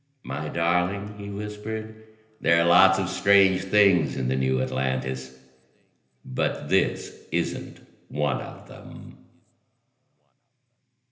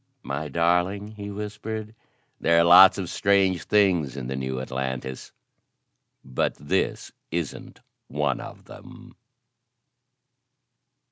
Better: second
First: room echo; dies away in 1.4 s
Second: none

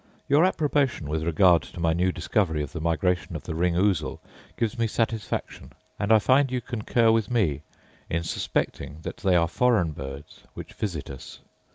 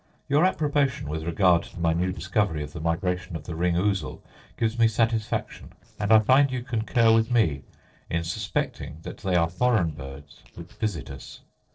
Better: first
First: none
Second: noise reduction (neural separator model SepFormer DNS4)

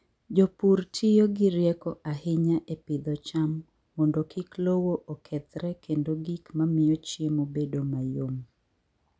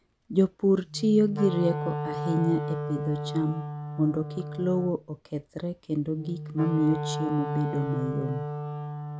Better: first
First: none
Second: background sound (Wind instrument, woodwind instrument); 6 dB below the speech

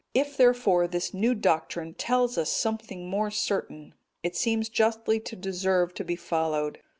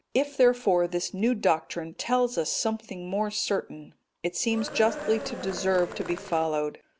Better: first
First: none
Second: background sound (Cheering); 10 dB below the speech

